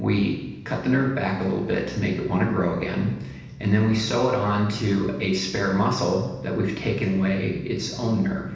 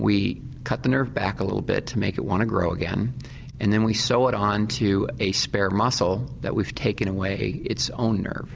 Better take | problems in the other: second | room echo; dies away in 0.9 s

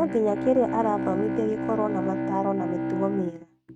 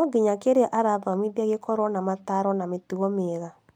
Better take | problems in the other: second | noise reduction (neural mask model RNNoise)

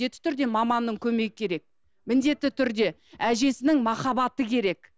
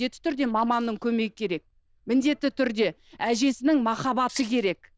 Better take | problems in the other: first | noise reduction (neural diffusion model UNIVERSE++)

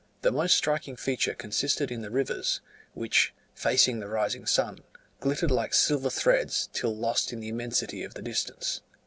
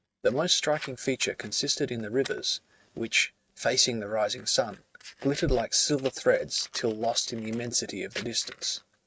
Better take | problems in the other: first | noise reduction (neural mask model RNNoise)

